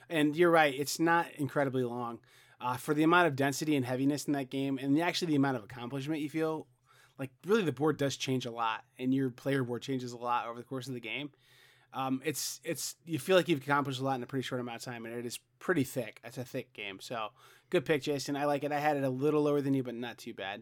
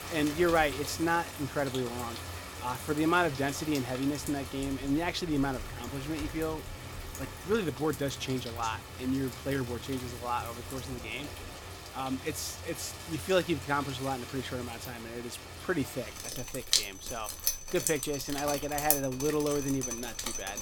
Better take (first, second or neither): first